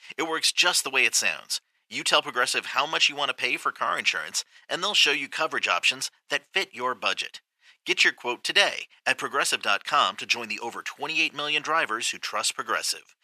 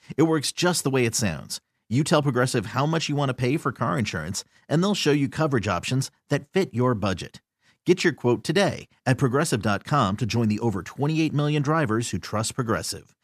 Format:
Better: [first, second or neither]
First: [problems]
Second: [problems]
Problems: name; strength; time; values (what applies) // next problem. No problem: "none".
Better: second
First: thin; very; fading below 750 Hz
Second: none